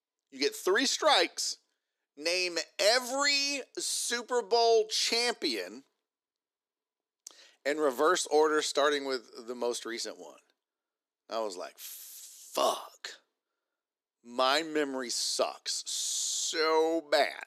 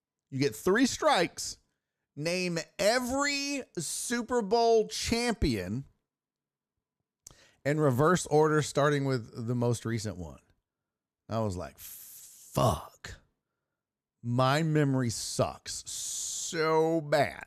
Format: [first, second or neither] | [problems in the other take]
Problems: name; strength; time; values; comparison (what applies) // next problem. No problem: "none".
second | thin; somewhat; fading below 300 Hz